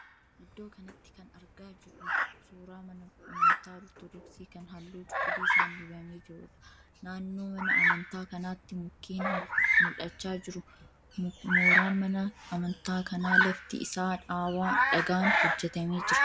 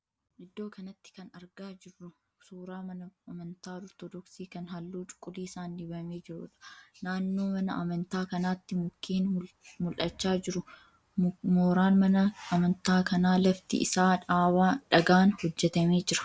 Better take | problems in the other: second | background sound (Bird vocalization, bird call, bird song); 4 dB above the speech

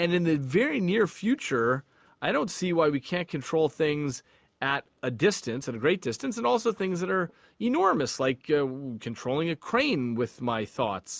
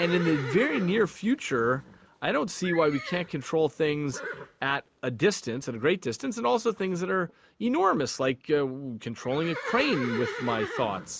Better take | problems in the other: first | background sound (Livestock, farm animals, working animals); 12 dB below the speech

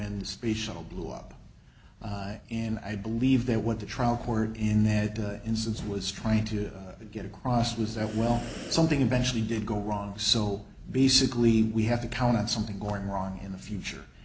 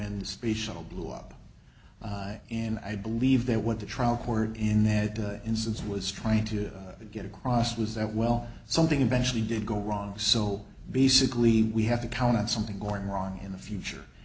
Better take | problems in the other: second | background sound (Breathing); 14 dB below the speech

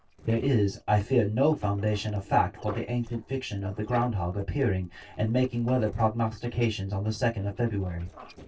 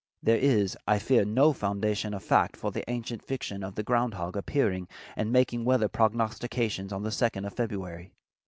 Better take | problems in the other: second | noise reduction (neural separator model SepFormer DNS4)

